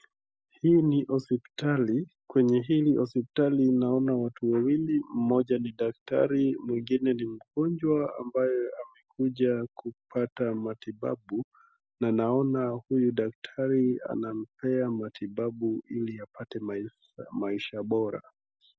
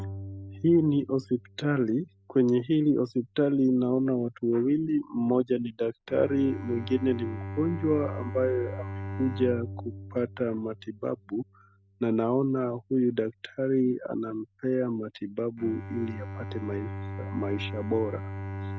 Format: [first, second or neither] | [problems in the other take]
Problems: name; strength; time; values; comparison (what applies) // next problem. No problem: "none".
first | background sound (Bowed string instrument); 12 dB below the speech